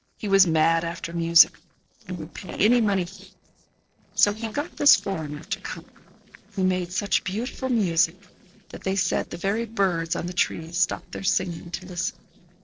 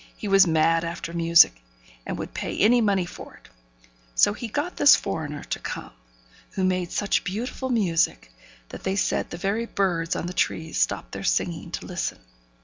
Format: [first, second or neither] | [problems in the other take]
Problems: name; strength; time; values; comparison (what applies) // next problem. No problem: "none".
second | noise reduction (neural separator model SepFormer DNS4)